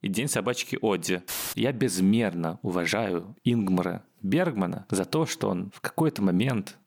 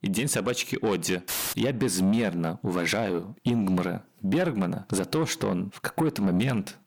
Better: first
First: none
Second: distortion; slight; 10 dB below the speech

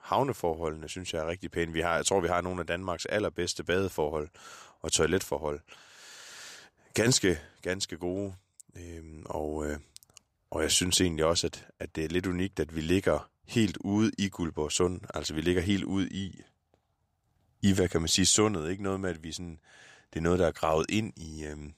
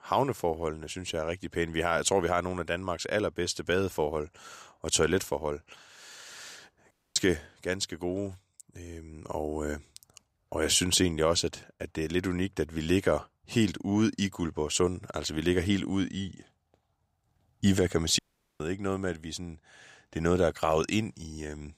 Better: first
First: none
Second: audio cutting out; at 7 s and at 18 s

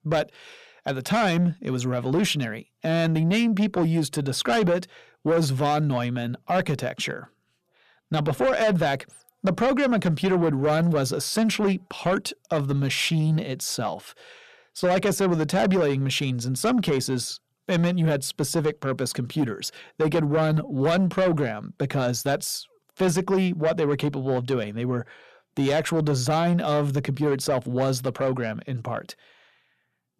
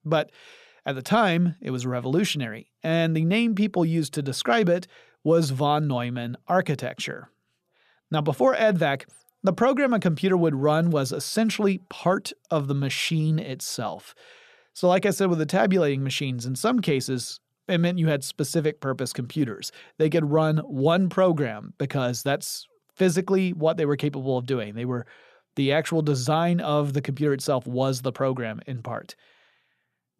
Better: second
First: distortion; slight; 10 dB below the speech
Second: none

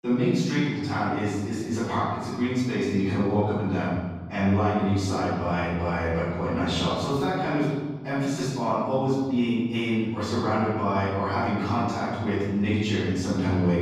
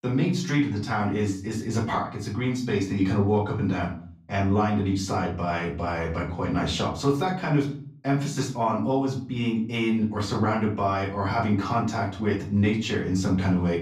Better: second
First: room echo; strong; dies away in 1.3 s // off-mic speech; far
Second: room echo; slight; dies away in 0.4 s // off-mic speech; far

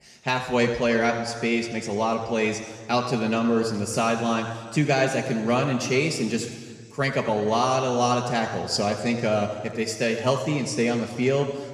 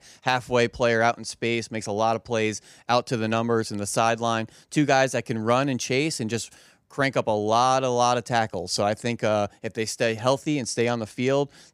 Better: second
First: room echo; slight; dies away in 1.7 s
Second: none

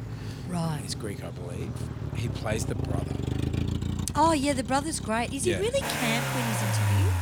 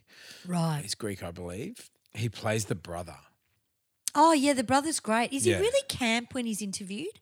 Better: second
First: traffic noise; loud; throughout; 2 dB below the speech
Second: none

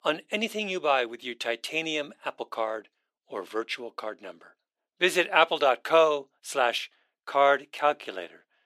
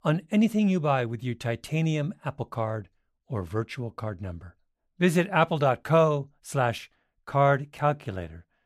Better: second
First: thin; very; fading below 350 Hz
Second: none

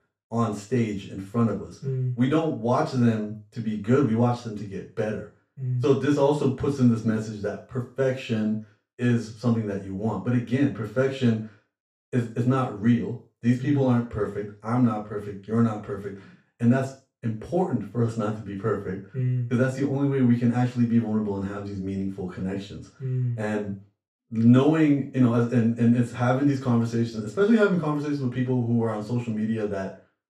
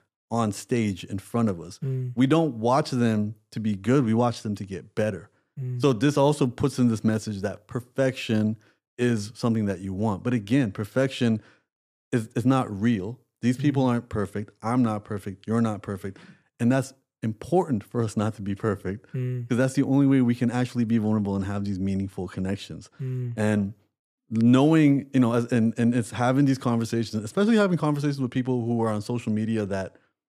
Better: second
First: room echo; noticeable; dies away in 0.3 s // off-mic speech; far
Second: none

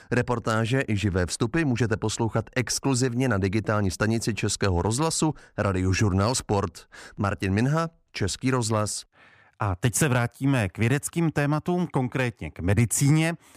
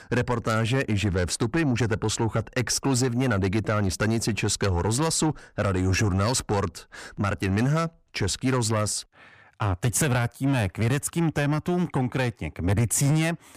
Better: first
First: none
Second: distortion; slight; 10 dB below the speech

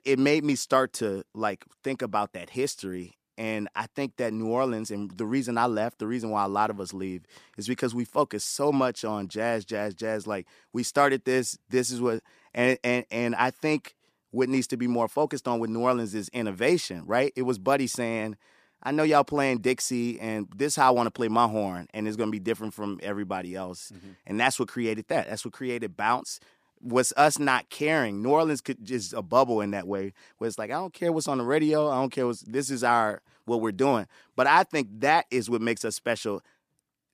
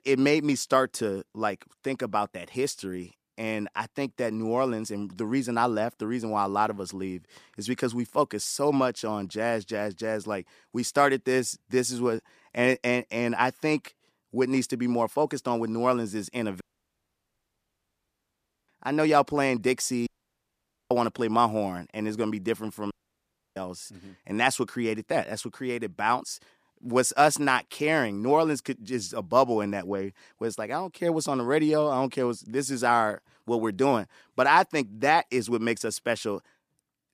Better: first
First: none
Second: audio cutting out; at 17 s for 2 s, at 20 s for 1 s and at 23 s for 0.5 s

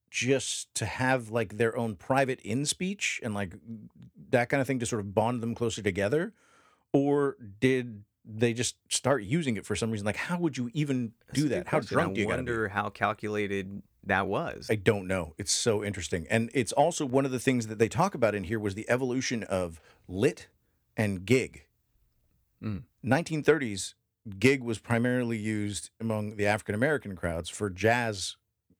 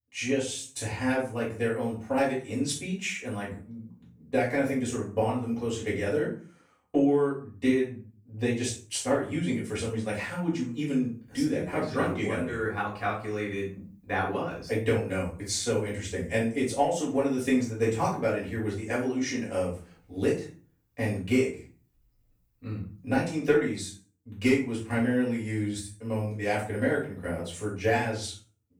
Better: first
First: none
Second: off-mic speech; far // room echo; noticeable; dies away in 0.4 s

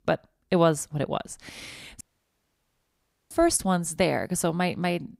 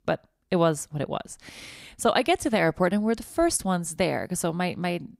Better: second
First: audio cutting out; at 2 s for 1.5 s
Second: none

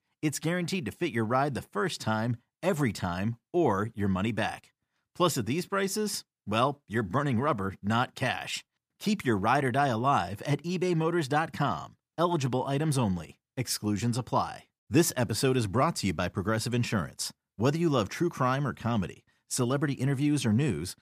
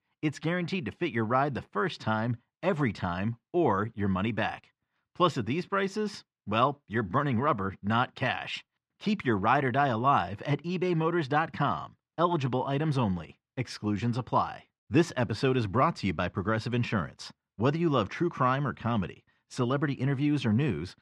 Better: first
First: none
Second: muffled; slightly; fading above 3 kHz

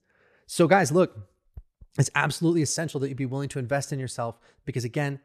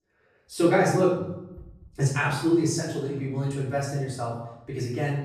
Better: first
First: none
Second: off-mic speech; far // room echo; noticeable; dies away in 0.8 s

